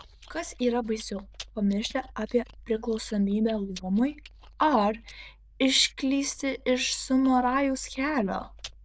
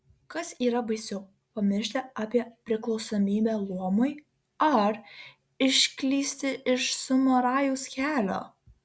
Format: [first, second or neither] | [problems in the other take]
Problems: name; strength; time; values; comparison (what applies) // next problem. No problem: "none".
second | noise reduction (neural diffusion model UNIVERSE++)